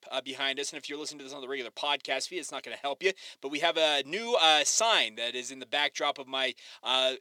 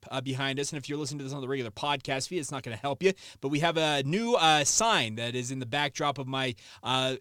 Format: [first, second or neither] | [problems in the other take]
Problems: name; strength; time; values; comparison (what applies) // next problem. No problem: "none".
second | thin; somewhat; fading below 300 Hz